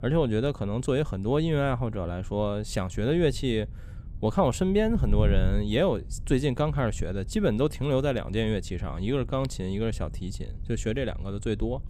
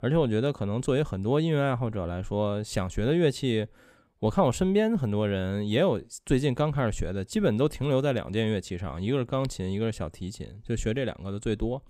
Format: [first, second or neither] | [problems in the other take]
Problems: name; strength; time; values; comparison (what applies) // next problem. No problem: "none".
second | wind noise on the microphone; occasional gusts; 25 dB below the speech